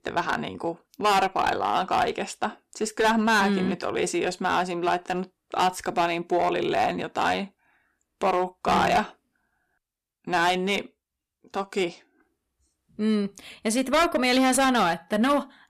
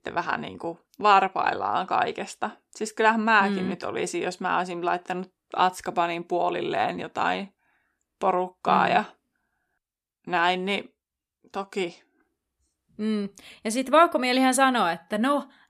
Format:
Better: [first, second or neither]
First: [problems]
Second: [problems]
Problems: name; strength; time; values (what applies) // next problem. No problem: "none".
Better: second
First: distortion; heavy; 7% of the sound clipped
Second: none